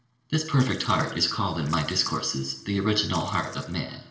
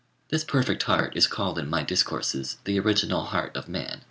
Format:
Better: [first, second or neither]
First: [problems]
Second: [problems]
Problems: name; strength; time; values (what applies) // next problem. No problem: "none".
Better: second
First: noise reduction (neural separator model SepFormer DNS4)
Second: none